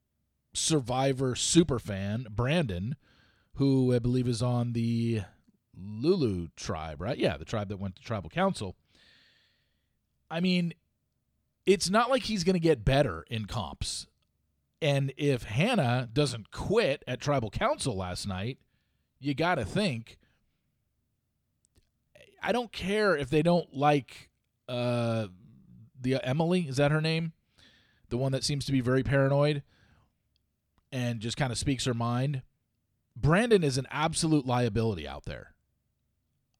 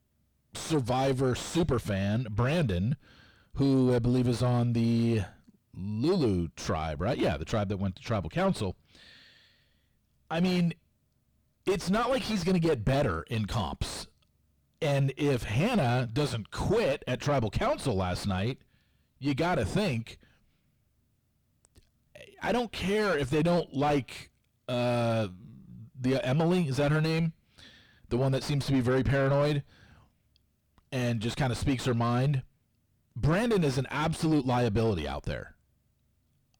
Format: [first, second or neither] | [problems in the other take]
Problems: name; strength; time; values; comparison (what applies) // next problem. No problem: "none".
first | distortion; heavy; 5 dB below the speech